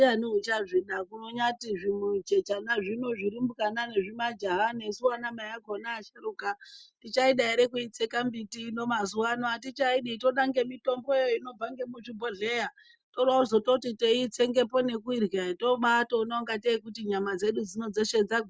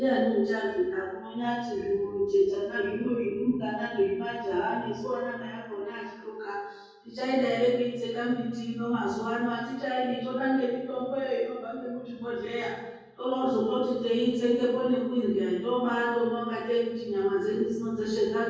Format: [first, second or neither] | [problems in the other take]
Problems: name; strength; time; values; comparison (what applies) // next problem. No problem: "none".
first | room echo; dies away in 1.3 s